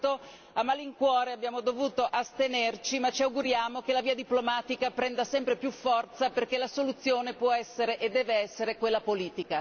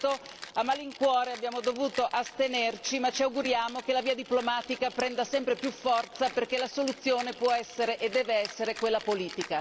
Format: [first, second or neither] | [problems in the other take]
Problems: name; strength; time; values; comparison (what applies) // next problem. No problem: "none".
first | background sound (Rattle (instrument)); 16 dB below the speech